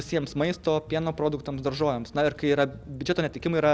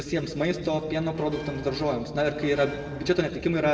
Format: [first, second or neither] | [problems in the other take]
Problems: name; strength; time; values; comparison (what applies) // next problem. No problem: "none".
first | background sound (Bell); 17 dB below the speech // room echo; dies away in 1.6 s